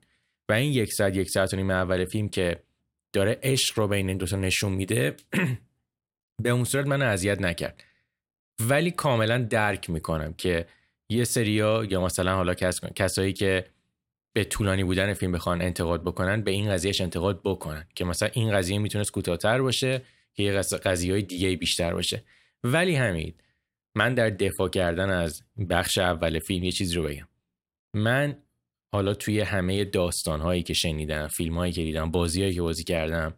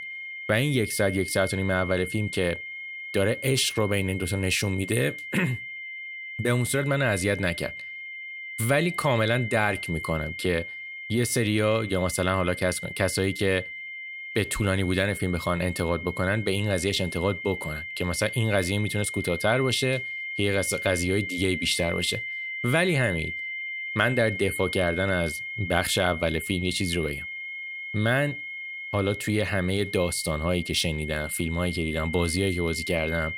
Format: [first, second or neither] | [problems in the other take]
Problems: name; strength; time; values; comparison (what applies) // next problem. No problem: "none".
first | high-pitched whine; loud; throughout; 2 kHz, 7 dB below the speech